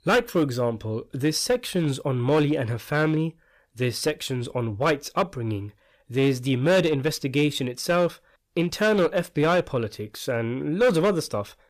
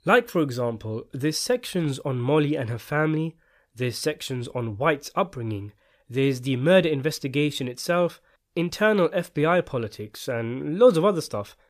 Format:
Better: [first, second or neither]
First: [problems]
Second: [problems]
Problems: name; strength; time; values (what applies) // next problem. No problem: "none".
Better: second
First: distortion; slight; 6% of the sound clipped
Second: none